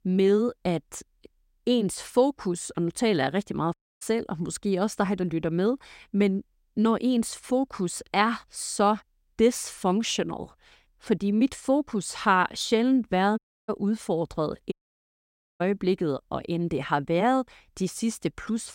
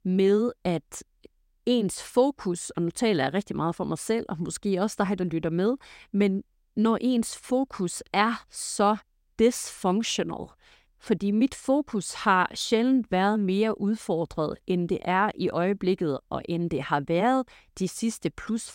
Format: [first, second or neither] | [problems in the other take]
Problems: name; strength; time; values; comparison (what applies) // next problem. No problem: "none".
second | audio cutting out; at 3.5 s, at 13 s and at 15 s for 1 s